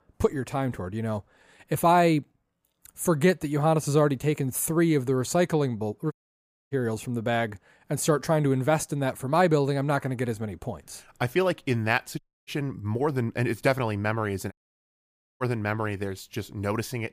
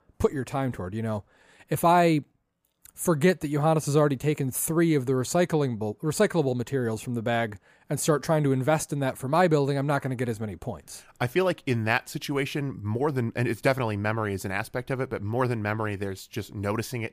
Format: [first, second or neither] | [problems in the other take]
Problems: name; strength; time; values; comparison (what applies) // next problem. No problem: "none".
second | audio cutting out; at 6 s for 0.5 s, at 12 s and at 15 s for 1 s